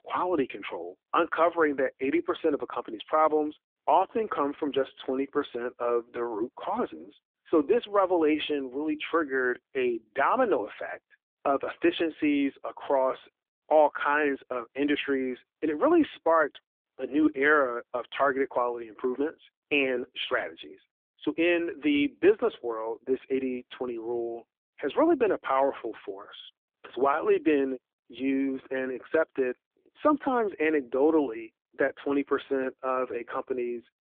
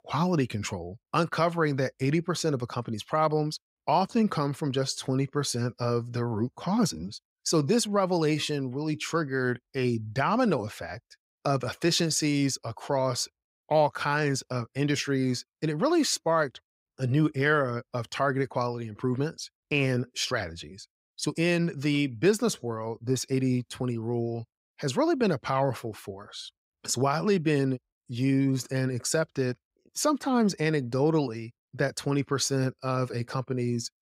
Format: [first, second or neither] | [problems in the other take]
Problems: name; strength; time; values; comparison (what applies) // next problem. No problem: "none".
second | phone-call audio; nothing above 3.5 kHz